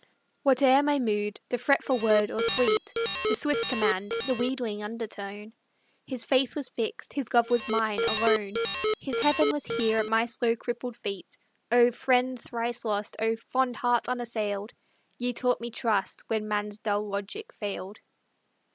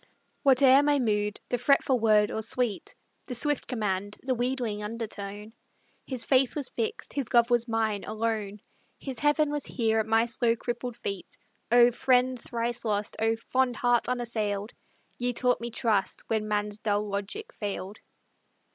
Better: second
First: background sound (Alarm); 1 dB below the speech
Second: none

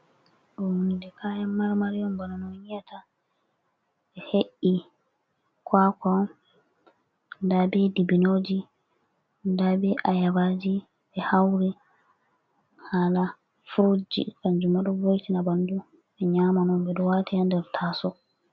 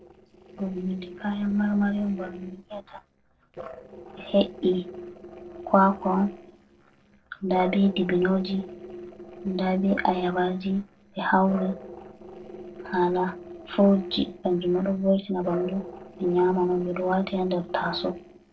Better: first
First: none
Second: noise reduction (neural separator model SepFormer DNS4)

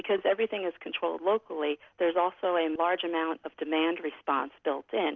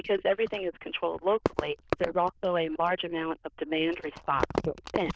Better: first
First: none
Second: noise reduction (neural diffusion model UNIVERSE++)

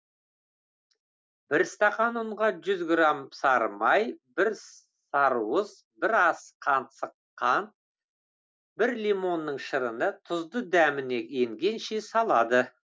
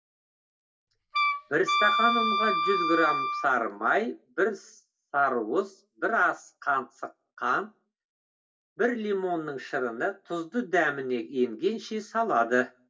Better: first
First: none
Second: background sound (Wind instrument, woodwind instrument); 1 dB above the speech // room echo; dies away in 0.1 s

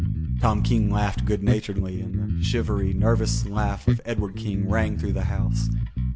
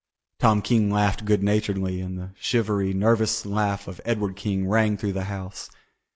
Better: second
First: background sound (Bass guitar); 3 dB above the speech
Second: none

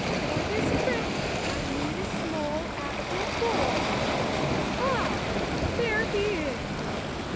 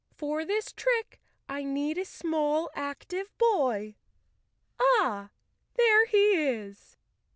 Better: second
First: background sound (Waves, surf); 5 dB above the speech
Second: none

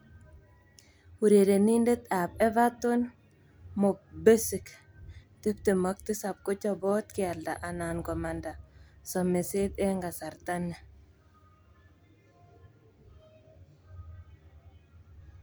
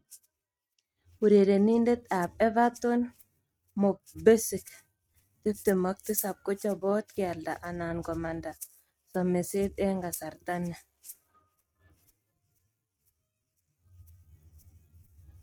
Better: first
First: none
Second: noise reduction (neural mask model RNNoise)

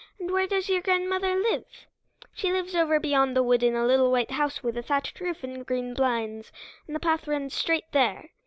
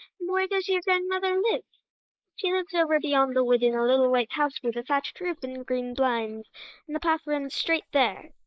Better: first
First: none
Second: noise reduction (neural mask model Resemble Enhance denoiser)

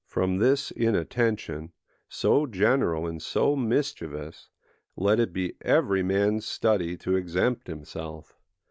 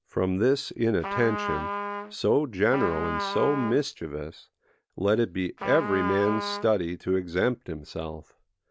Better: first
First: none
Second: background sound (Trumpet); 6 dB below the speech

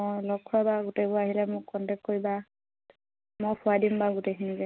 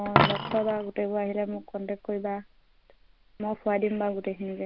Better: first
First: none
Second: background sound (Coin (dropping)); 2 dB below the speech

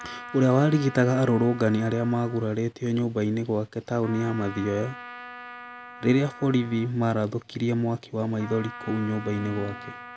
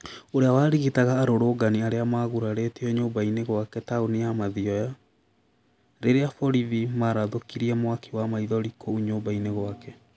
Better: second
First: background sound (Trumpet); 17 dB below the speech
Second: none

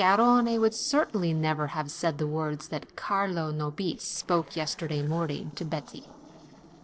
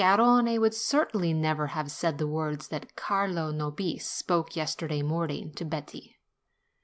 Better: second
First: noise reduction (neural separator model SepFormer DNS4)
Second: none

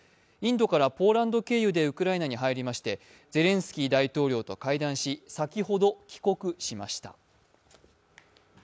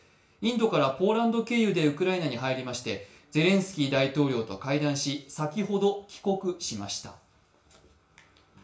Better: first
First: none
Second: room echo; dies away in 0.4 s

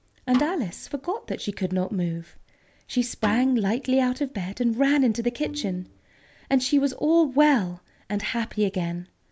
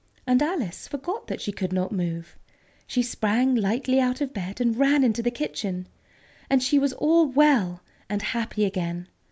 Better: second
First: background sound (Bowed string instrument + Snare drum); 16 dB below the speech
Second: none

